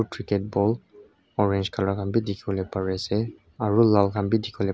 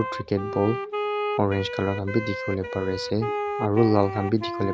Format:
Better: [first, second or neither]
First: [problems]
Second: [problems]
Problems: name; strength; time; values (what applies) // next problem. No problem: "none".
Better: first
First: none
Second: background sound (Wind instrument, woodwind instrument); 5 dB below the speech